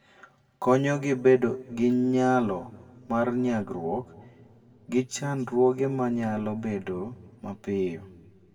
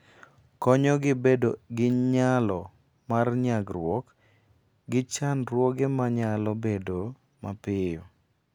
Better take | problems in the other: second | room echo; dies away in 1.6 s

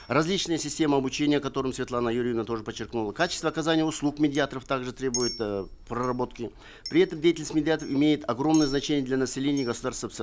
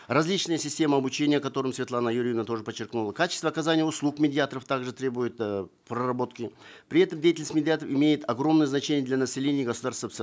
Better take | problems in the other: second | background sound (Chink, clink); 17 dB below the speech

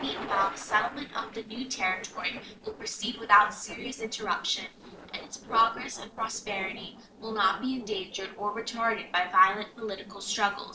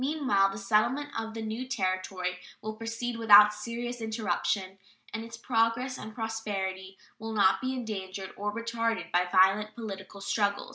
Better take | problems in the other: second | noise reduction (neural separator model SepFormer DNS4)

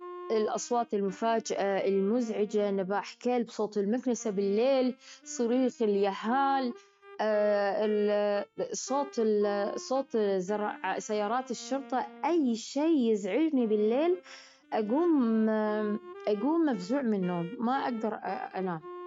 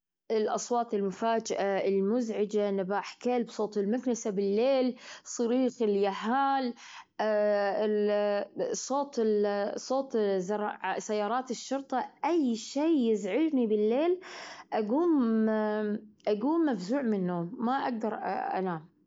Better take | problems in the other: second | noise reduction (neural mask model RNNoise)

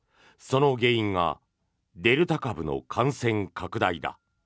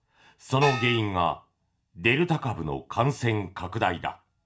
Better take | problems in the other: first | background sound (Gong); 3 dB below the speech // room echo; dies away in 0.3 s

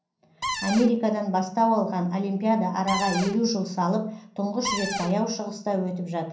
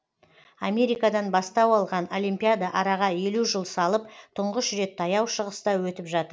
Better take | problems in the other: second | background sound (Cupboard open or close); 5 dB below the speech // room echo; dies away in 0.6 s

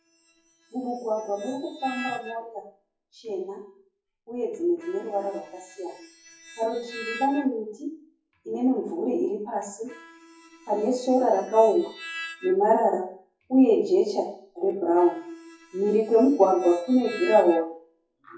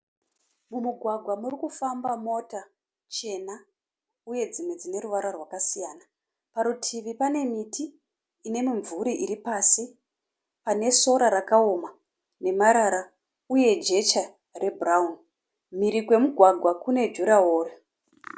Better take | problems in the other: second | noise reduction (classical method WPE with log-MMSE)

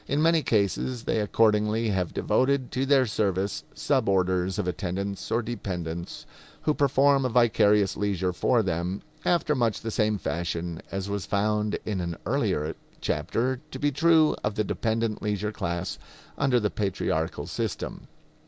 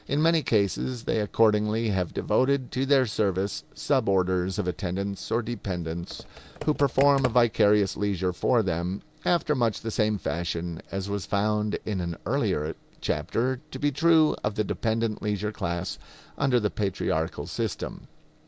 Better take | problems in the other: first | background sound (Computer keyboard); 11 dB below the speech

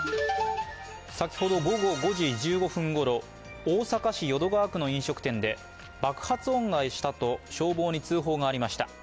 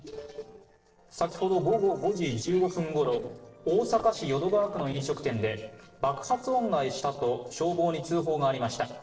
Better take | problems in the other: first | noise reduction (neural separator model SepFormer DNS4)

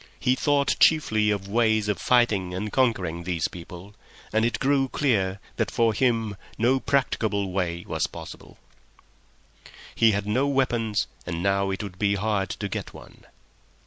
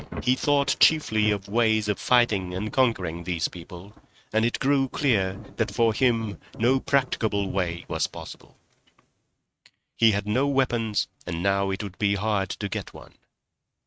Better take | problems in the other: first | noise reduction (neural mask model RNNoise)

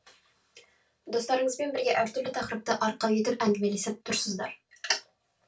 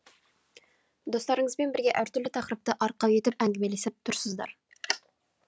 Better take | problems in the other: second | room echo; dies away in 0.2 s

